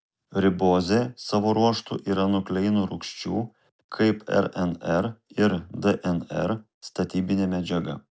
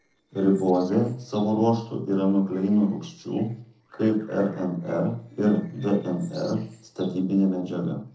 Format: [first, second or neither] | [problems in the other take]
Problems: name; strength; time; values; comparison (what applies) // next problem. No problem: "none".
first | noise reduction (neural separator model SepFormer DNS4)